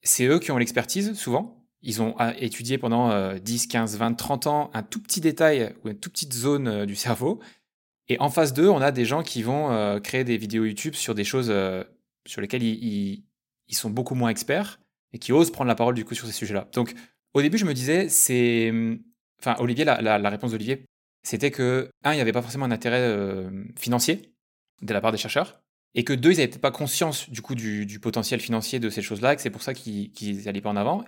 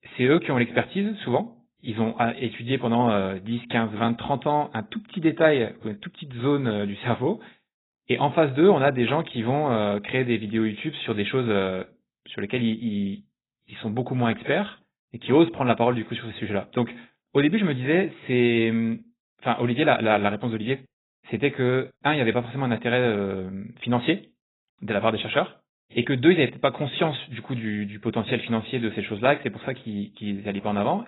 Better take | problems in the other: first | garbled, watery; badly; nothing above 4 kHz

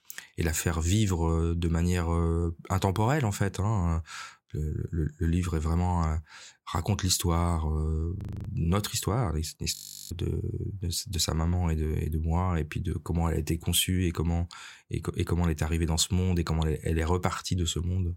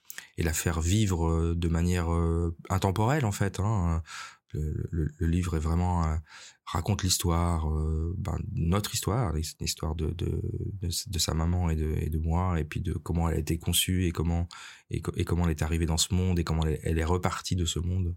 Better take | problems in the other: second | audio freezing; at 8 s and at 10 s

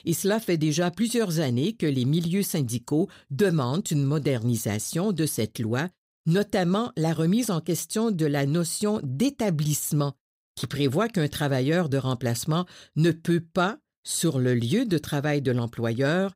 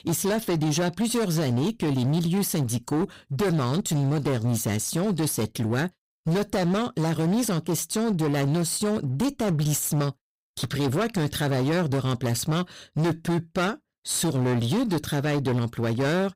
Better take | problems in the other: first | distortion; slight; 26% of the sound clipped

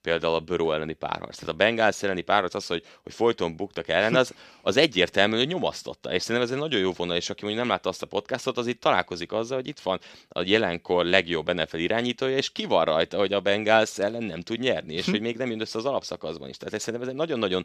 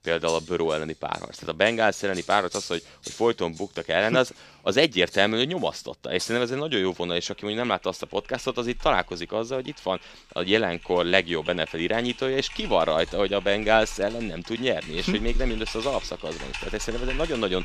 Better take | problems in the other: first | household noises; noticeable; throughout; 15 dB below the speech

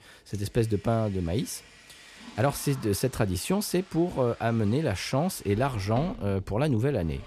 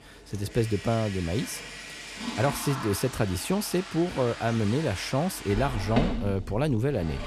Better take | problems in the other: first | household noises; loud; throughout; 9 dB below the speech; faint in the first

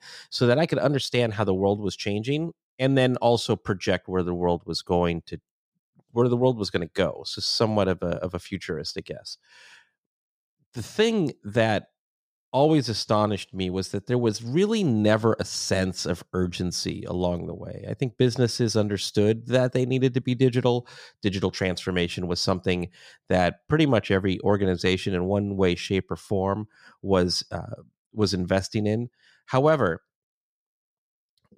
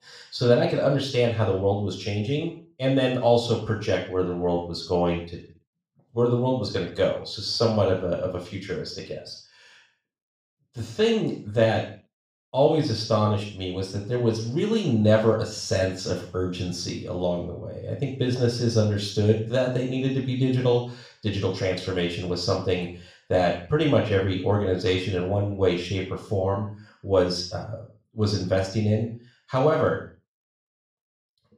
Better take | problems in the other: first | room echo; noticeable; dies away in 0.4 s // off-mic speech; far

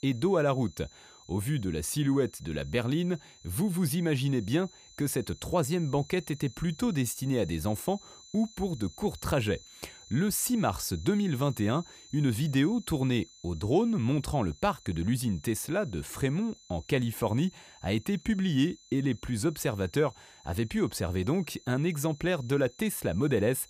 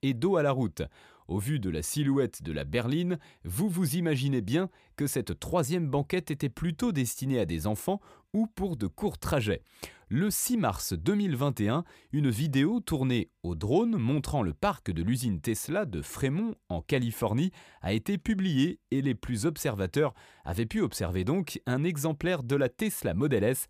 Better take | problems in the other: second | high-pitched whine; faint; throughout; 4 kHz, 20 dB below the speech

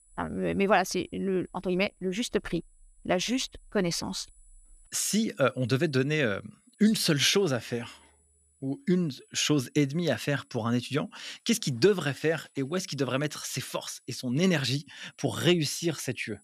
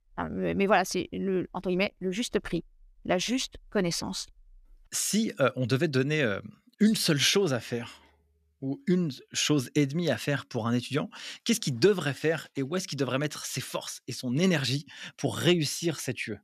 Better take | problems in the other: second | high-pitched whine; faint; throughout; 10 kHz, 35 dB below the speech

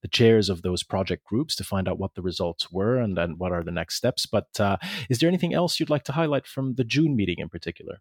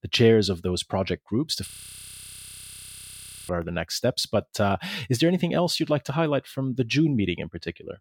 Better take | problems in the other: first | audio freezing; at 1.5 s for 2 s

